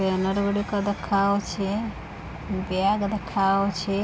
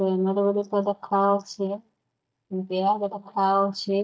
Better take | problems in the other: first | noise reduction (neural mask model DeepFilterNet 3)

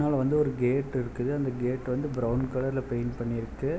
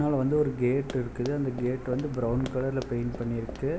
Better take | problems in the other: first | background sound (Run); 16 dB below the speech

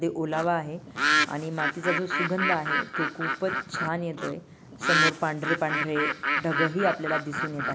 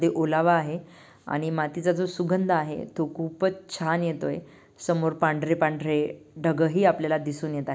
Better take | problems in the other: second | background sound (Bird); 1 dB above the speech

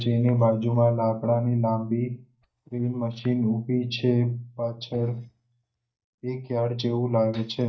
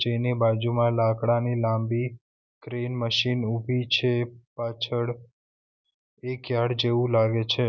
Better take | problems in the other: second | noise reduction (neural mask model DeepFilterNet 3)

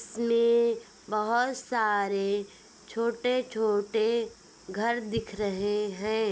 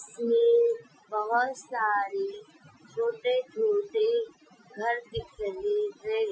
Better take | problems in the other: first | noise reduction (classical method Wiener filter)

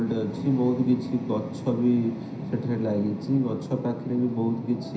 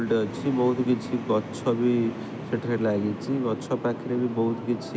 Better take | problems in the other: second | room echo; dies away in 0.5 s

